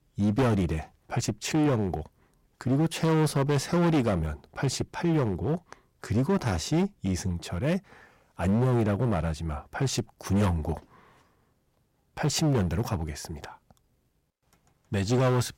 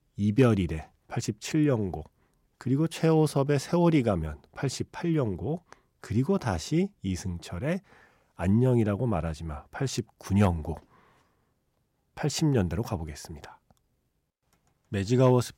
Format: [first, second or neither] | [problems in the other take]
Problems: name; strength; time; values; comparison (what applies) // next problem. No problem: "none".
second | distortion; heavy; 10% of the sound clipped